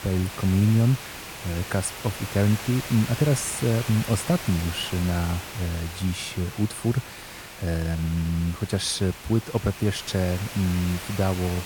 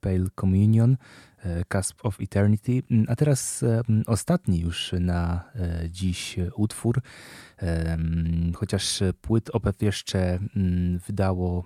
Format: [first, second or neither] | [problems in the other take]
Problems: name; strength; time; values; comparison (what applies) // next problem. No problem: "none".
second | hiss; noticeable; throughout; 10 dB below the speech